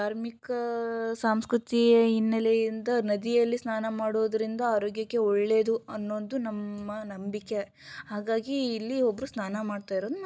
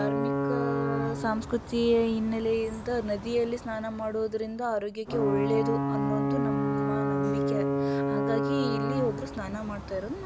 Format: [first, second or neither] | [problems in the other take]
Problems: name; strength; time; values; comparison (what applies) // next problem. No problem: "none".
first | background sound (Alarm / Ocean / Boat, Water vehicle); as loud as the speech